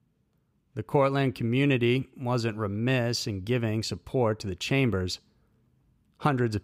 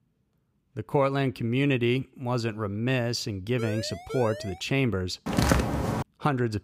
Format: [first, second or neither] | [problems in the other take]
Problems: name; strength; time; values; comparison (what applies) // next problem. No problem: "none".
first | siren; noticeable; from 3.5 to 4.5 s; peak 9 dB below the speech // footsteps; loud; at 5.5 s; peak 4 dB above the speech